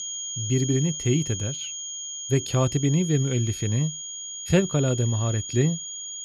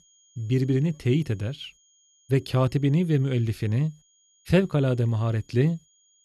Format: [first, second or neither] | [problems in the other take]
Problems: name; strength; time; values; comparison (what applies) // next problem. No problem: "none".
second | high-pitched whine; loud; throughout; 6.5 kHz, 7 dB below the speech; faint in the second